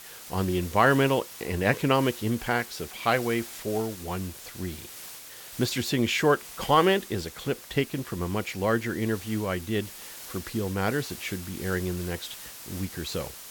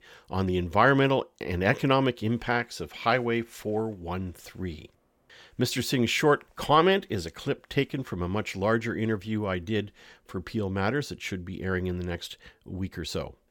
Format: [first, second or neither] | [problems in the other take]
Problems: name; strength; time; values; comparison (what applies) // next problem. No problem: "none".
second | hiss; noticeable; throughout; 15 dB below the speech